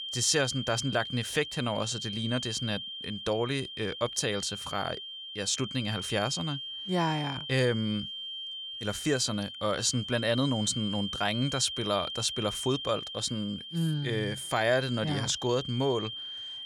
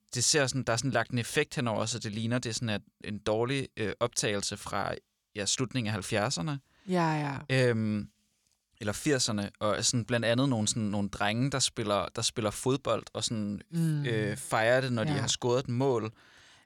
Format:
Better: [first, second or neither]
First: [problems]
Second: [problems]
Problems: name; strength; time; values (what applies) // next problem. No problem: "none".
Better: second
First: high-pitched whine; loud; throughout; 3 kHz, 6 dB below the speech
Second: none